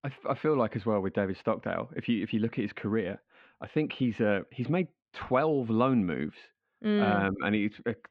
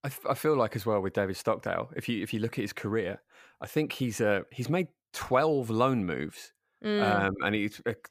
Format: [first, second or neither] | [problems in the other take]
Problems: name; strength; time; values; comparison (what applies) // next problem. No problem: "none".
second | muffled; slightly; fading above 3 kHz